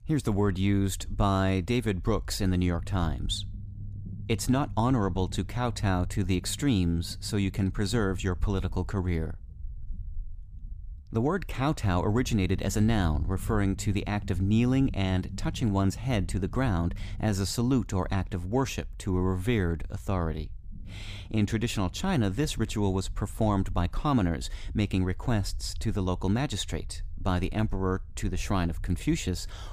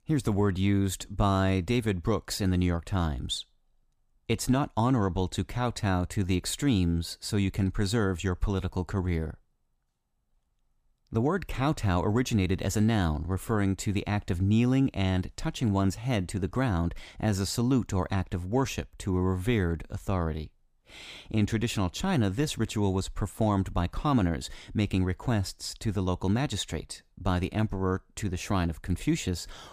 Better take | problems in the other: second | low rumble; faint; throughout; 25 dB below the speech

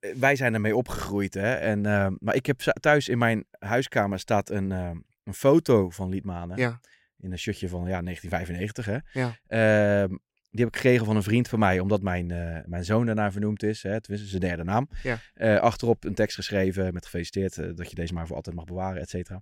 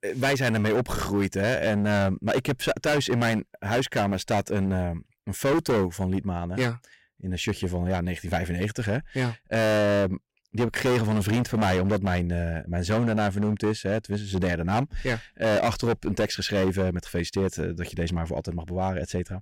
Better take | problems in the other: first | distortion; heavy; 14% of the sound clipped

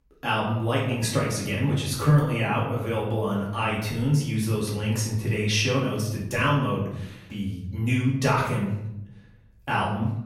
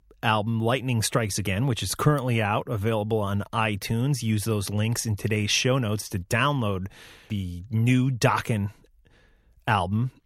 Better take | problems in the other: second | off-mic speech; far // room echo; noticeable; dies away in 0.7 s

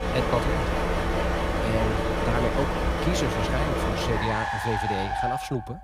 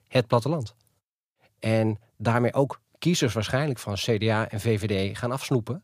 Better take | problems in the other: second | traffic noise; very loud; throughout; 4 dB above the speech

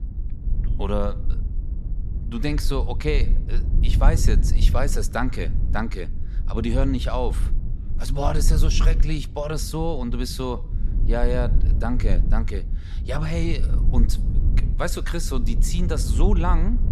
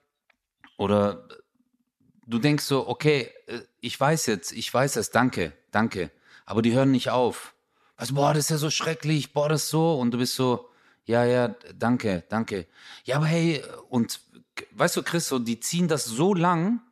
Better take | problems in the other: second | low rumble; noticeable; throughout; 10 dB below the speech

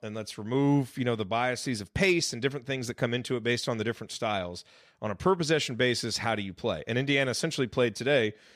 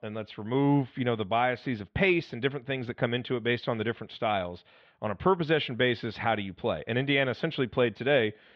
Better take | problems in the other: first | muffled; very; fading above 3.5 kHz

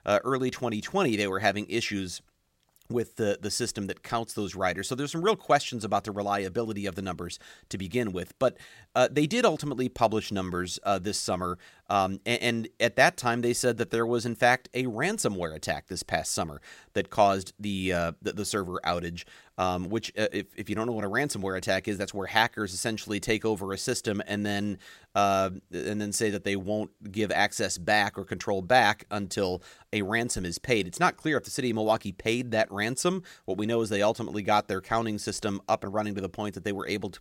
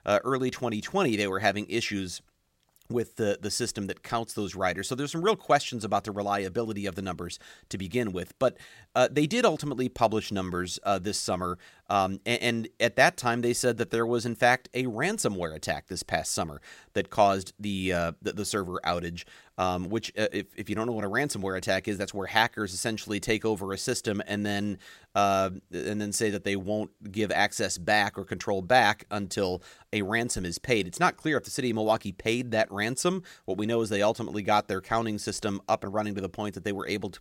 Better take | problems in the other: neither | none

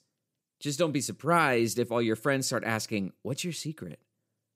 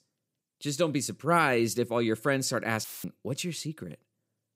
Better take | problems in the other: first | audio cutting out; filled with static; at 3 s

